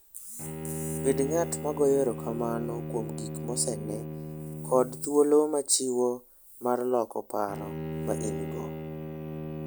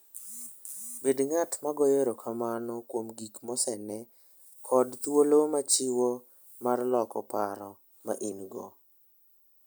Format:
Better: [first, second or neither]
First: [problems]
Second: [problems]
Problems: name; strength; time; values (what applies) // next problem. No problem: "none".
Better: second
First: background sound (Bowed string instrument); 7 dB below the speech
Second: none